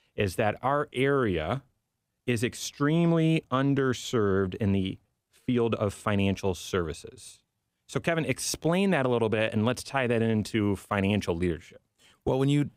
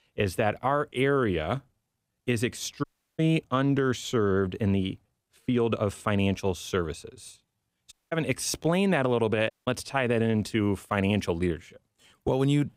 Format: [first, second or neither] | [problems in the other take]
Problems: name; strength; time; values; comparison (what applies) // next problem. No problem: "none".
first | audio cutting out; at 3 s, at 8 s and at 9.5 s